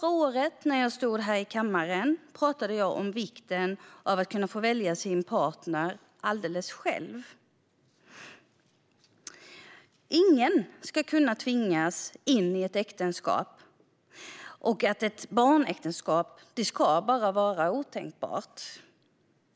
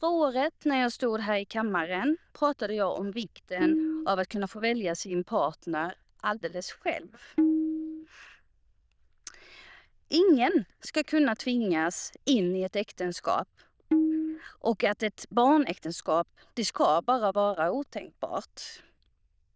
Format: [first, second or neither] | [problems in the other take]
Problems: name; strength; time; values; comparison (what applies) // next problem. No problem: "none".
first | noise reduction (neural diffusion model UNIVERSE++)